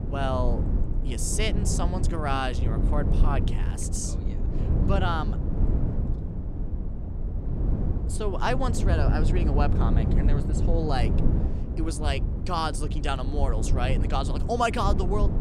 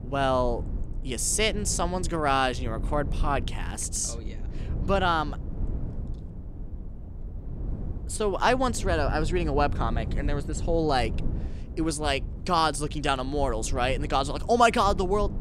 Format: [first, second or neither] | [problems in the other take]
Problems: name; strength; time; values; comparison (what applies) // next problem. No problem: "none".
second | low rumble; loud; throughout; 8 dB below the speech; faint in the second